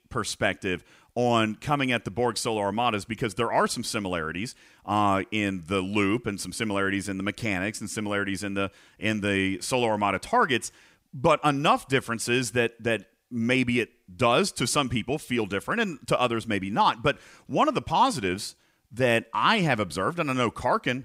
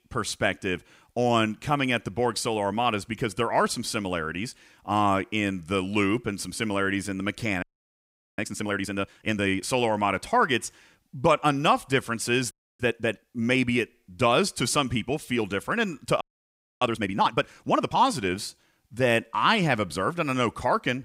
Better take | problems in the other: first | audio freezing; at 7.5 s for 1 s, at 13 s and at 16 s for 0.5 s

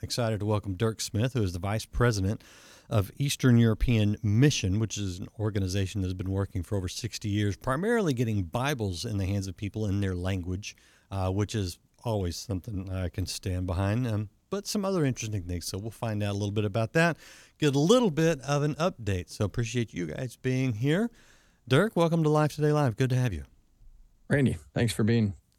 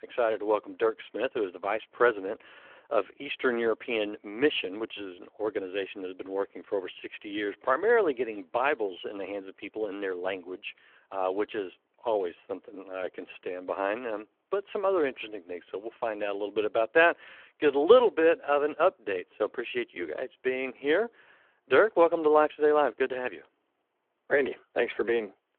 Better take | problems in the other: first | phone-call audio

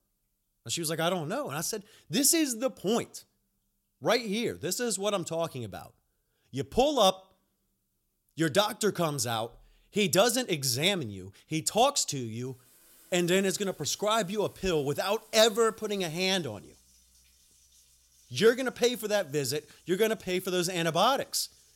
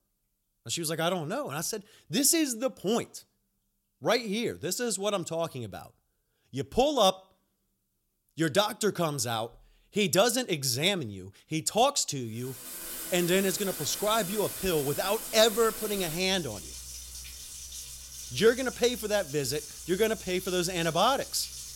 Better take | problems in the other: first | household noises; loud; from 13 s on; 10 dB below the speech; faint in the first

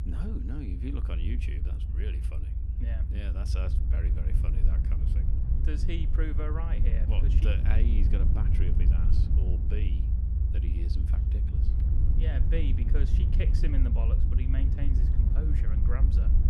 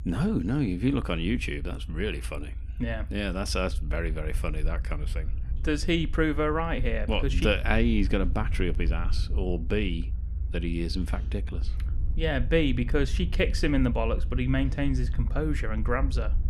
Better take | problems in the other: second | low rumble; loud; throughout; 2 dB below the speech; faint in the second

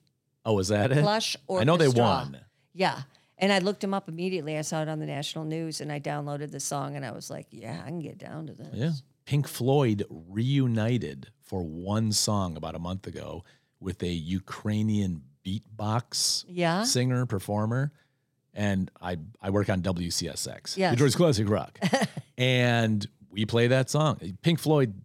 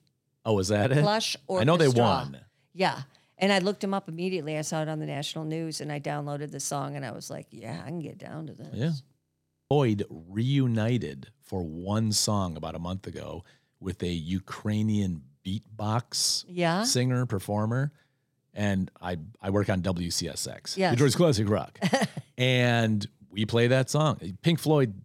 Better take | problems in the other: first | audio freezing; at 9 s for 0.5 s

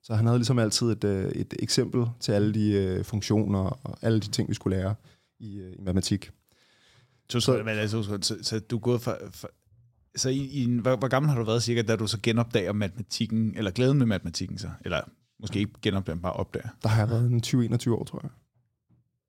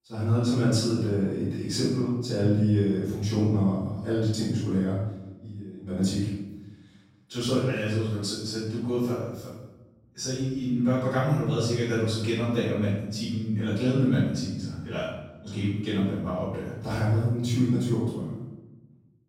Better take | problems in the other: first | off-mic speech; far // room echo; strong; dies away in 0.9 s

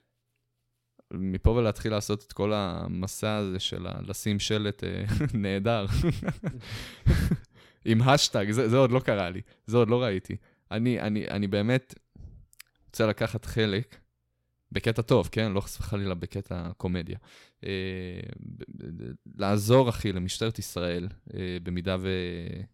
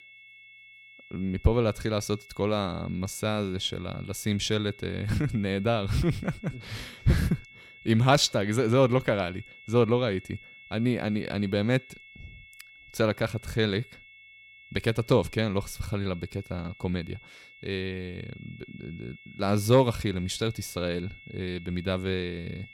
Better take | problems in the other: first | high-pitched whine; faint; throughout; 2 kHz, 20 dB below the speech

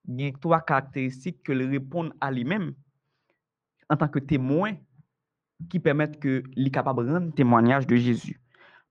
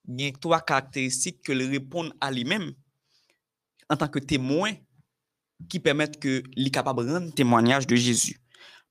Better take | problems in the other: second | muffled; very; fading above 1.5 kHz

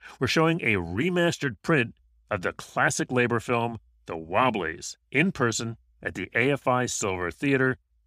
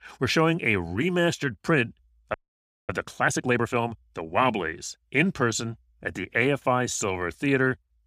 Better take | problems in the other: first | audio freezing; at 2.5 s for 0.5 s

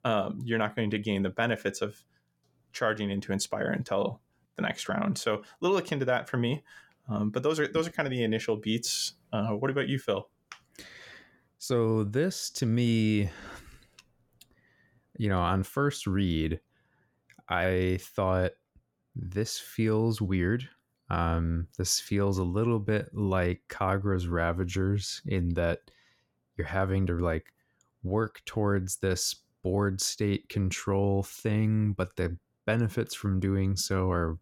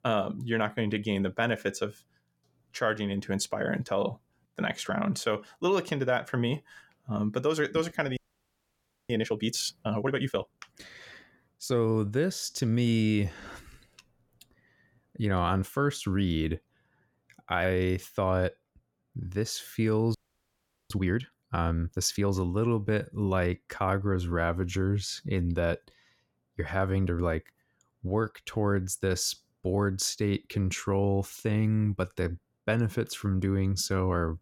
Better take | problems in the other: first | audio freezing; at 8 s for 1 s and at 20 s for 1 s

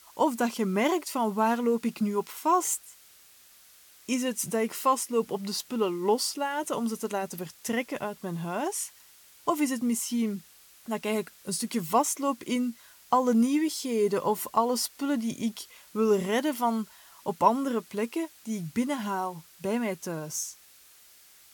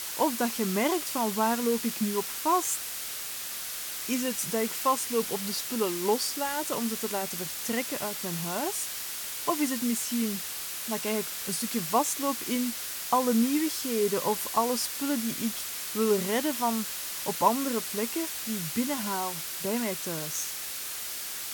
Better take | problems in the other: first | hiss; loud; throughout; 3 dB below the speech; faint in the first

